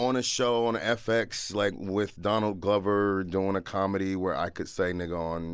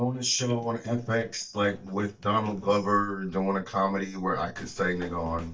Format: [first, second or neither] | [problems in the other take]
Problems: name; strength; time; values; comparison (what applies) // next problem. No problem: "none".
first | noise reduction (neural mask model DeepFilterNet 3)